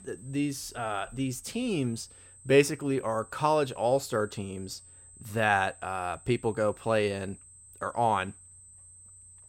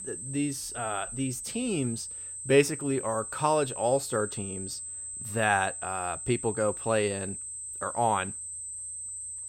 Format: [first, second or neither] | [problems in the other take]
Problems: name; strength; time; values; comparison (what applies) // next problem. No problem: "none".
first | high-pitched whine; loud; throughout; 8.5 kHz, 6 dB below the speech; faint in the first